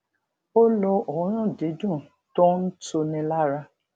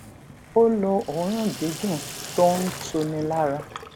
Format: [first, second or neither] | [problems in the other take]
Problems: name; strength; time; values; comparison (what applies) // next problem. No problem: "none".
first | background sound (Skateboard + Sink (filling or washing)); 13 dB below the speech